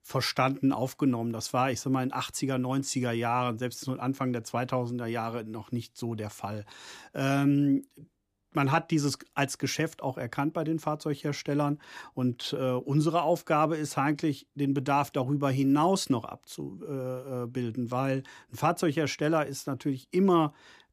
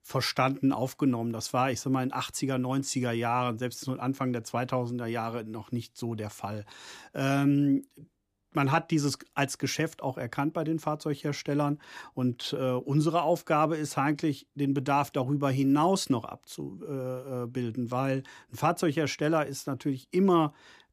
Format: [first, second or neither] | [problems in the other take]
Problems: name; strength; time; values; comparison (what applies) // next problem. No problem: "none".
neither | none